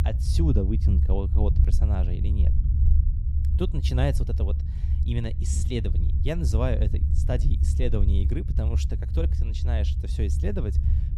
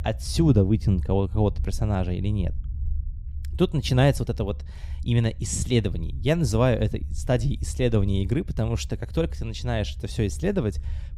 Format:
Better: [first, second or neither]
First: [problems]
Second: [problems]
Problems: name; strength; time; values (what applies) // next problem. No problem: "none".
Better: second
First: low rumble; loud; throughout; 7 dB below the speech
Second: low rumble; faint; throughout; 25 dB below the speech